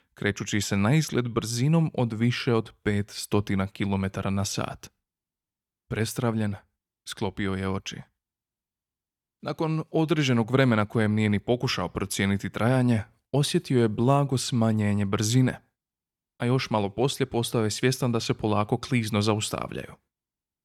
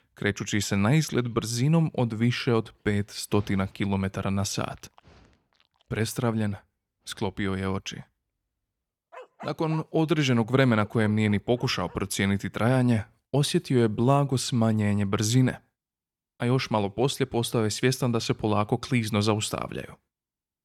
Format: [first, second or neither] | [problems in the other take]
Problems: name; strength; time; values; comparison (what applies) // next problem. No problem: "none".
first | animal sounds; faint; until 12 s; 25 dB below the speech